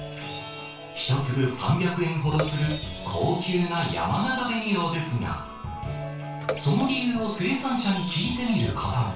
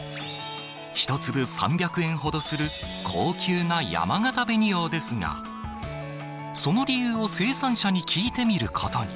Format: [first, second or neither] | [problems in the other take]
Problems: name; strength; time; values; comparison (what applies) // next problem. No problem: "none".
second | background sound (Bathtub (filling or washing) / Water / Splash, splatter); 14 dB below the speech // room echo; dies away in 0.4 s